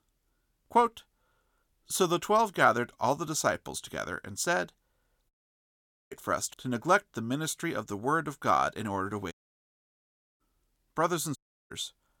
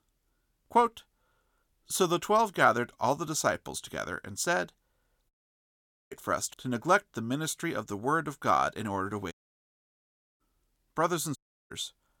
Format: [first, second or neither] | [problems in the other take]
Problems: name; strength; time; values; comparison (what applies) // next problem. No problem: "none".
neither | audio cutting out; at 5.5 s for 1 s, at 9.5 s for 1 s and at 11 s; the same in both